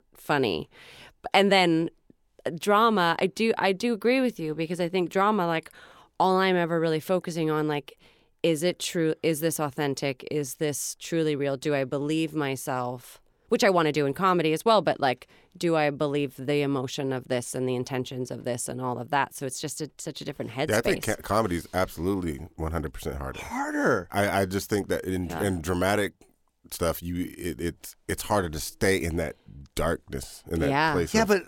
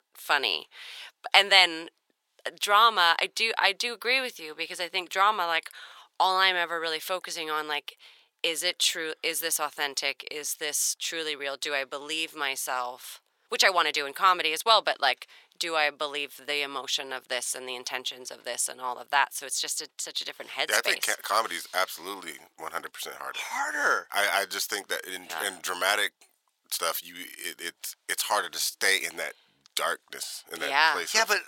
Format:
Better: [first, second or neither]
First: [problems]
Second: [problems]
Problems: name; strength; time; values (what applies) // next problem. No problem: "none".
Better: first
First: none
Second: thin; very; fading below 1 kHz